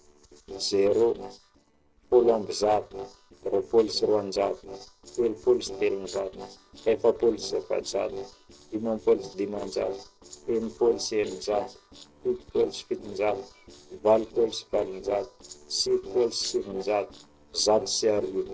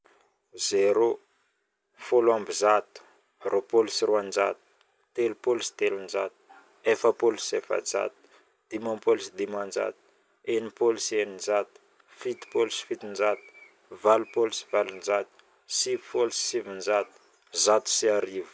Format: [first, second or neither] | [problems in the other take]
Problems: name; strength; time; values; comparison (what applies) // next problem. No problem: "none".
second | noise reduction (neural separator model SepFormer DNS4)